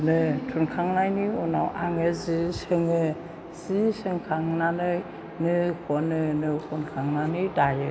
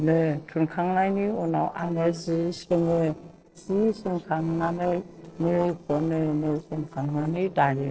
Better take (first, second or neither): first